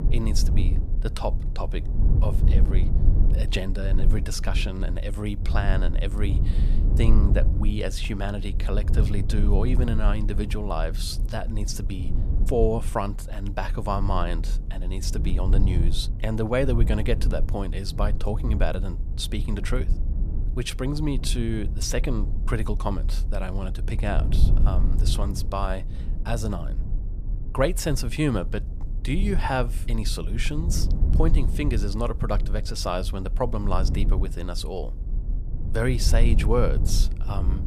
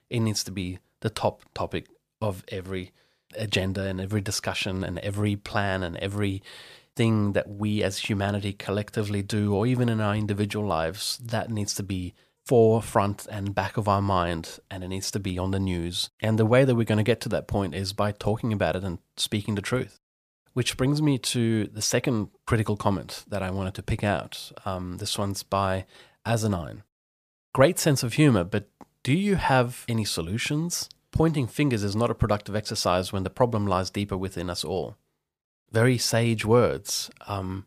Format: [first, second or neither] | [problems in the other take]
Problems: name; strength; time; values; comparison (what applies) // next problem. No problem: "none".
second | low rumble; noticeable; throughout; 10 dB below the speech